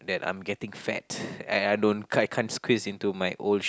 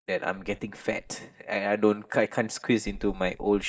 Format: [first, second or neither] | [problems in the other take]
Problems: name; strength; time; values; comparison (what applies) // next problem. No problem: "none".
first | noise reduction (neural mask model DeepFilterNet 3)